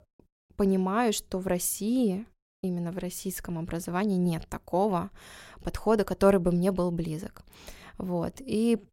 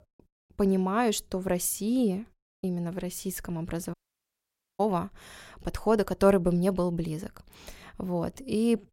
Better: first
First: none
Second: audio cutting out; at 4 s for 1 s

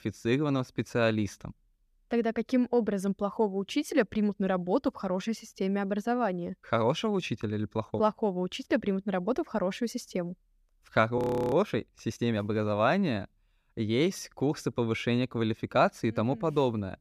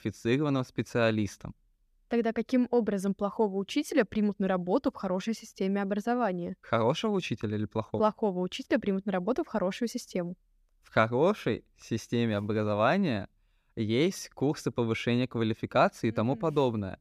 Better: second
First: audio freezing; at 11 s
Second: none

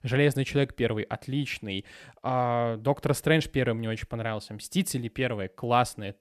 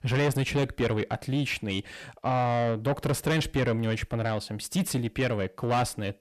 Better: first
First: none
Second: distortion; heavy; 7 dB below the speech

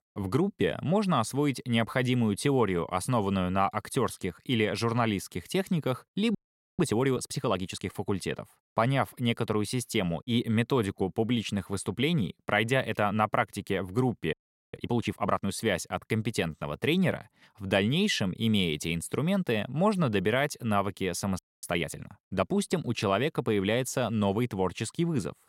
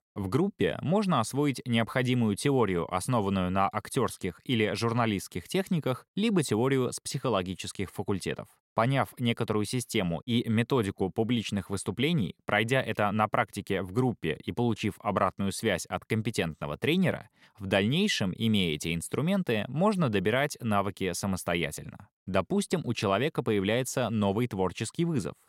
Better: second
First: audio freezing; at 6.5 s, at 14 s and at 21 s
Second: none

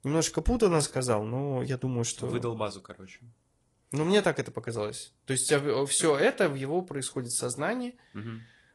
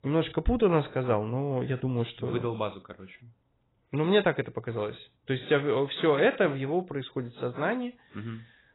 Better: first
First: garbled, watery; slightly; nothing above 10.5 kHz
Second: garbled, watery; badly; nothing above 4 kHz

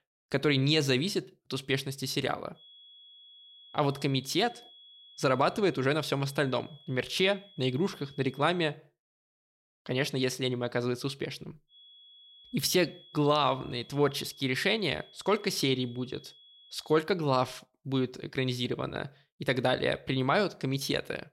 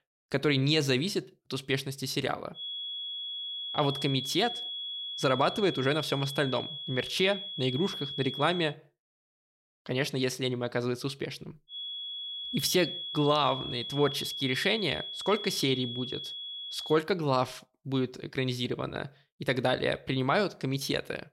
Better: first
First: high-pitched whine; faint; from 2.5 to 8.5 s and from 12 to 17 s; 3.5 kHz, 25 dB below the speech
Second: high-pitched whine; loud; from 2.5 to 8.5 s and from 12 to 17 s; 3.5 kHz, 6 dB below the speech

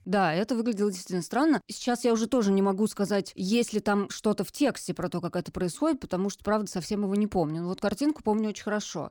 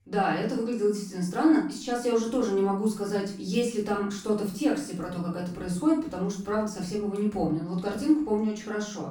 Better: first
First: none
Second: off-mic speech; far // room echo; noticeable; dies away in 0.4 s

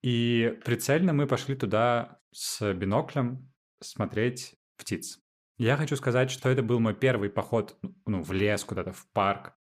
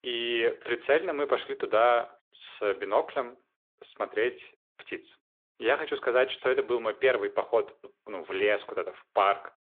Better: first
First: none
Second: phone-call audio

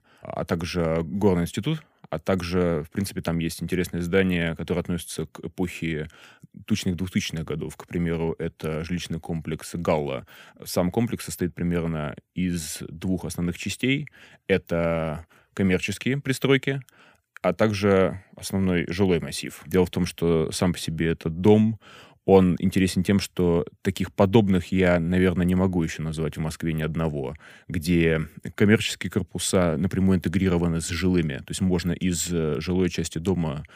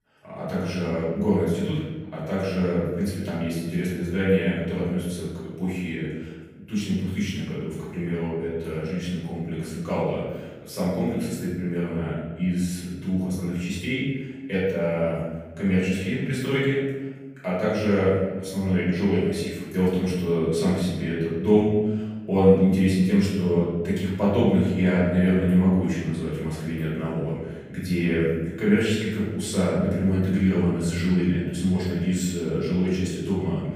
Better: first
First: none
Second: off-mic speech; far // room echo; strong; dies away in 1.2 s

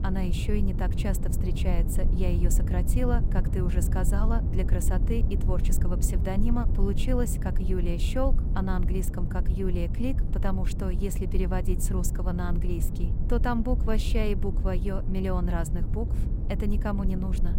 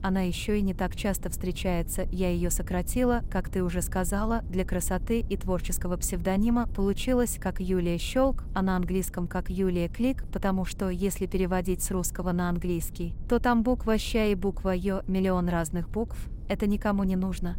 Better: second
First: low rumble; loud; throughout; 8 dB below the speech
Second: low rumble; faint; throughout; 25 dB below the speech

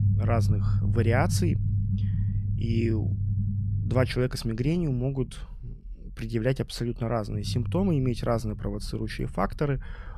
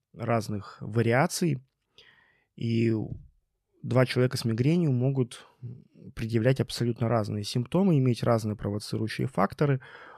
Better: second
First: low rumble; noticeable; throughout; 10 dB below the speech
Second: none

